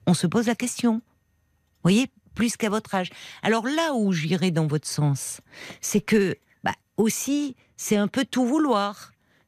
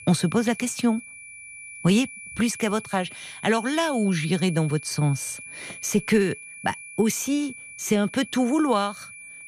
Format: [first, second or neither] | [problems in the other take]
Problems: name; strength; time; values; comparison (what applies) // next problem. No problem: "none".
first | high-pitched whine; noticeable; throughout; 2.5 kHz, 15 dB below the speech